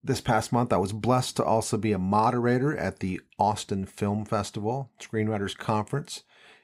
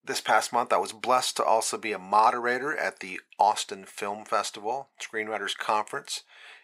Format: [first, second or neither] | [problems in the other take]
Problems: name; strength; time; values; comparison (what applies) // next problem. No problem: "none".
first | thin; very; fading below 650 Hz